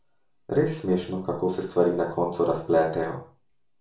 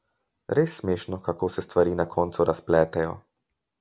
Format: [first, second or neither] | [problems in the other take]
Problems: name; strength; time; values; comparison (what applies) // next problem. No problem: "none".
second | room echo; dies away in 0.3 s